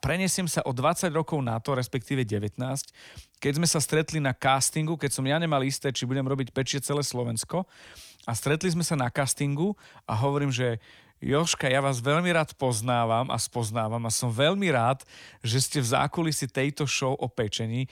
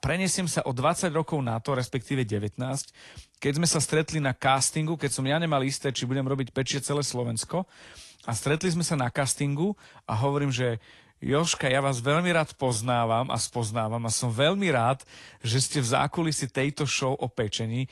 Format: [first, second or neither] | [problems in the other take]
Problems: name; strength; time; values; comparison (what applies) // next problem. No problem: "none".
first | garbled, watery; slightly; nothing above 11 kHz